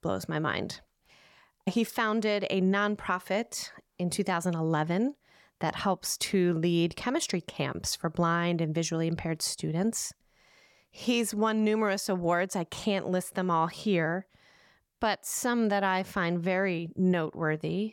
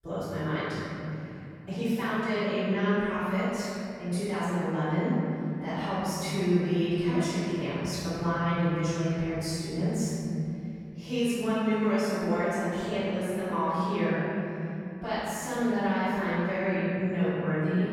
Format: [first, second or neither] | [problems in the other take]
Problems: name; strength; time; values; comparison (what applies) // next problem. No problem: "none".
first | room echo; strong; dies away in 3 s // off-mic speech; far